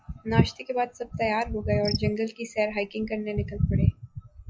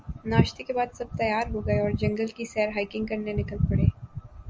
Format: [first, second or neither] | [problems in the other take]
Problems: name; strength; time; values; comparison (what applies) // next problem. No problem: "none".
second | noise reduction (classical method log-MMSE)